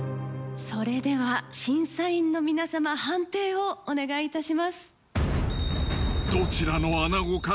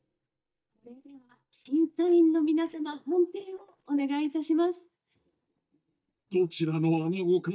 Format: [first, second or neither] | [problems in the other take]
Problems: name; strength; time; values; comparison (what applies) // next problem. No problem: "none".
first | noise reduction (neural mask model DeepFilterNet 3)